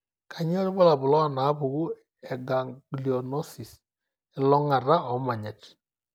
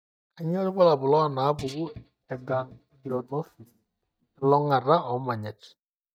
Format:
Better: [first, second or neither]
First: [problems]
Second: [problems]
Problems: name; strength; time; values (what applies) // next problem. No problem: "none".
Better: first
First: none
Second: noise reduction (neural mask model DeepFilterNet 3)